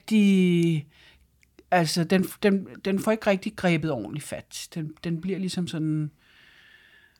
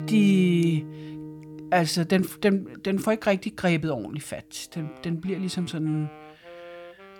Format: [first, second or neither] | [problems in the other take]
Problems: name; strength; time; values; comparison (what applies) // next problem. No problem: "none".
first | background music; noticeable; throughout; 15 dB below the speech